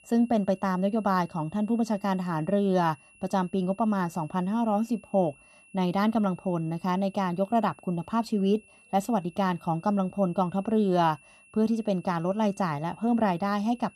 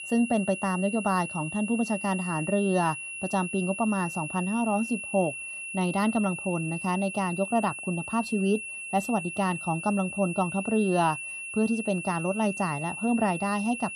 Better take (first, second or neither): first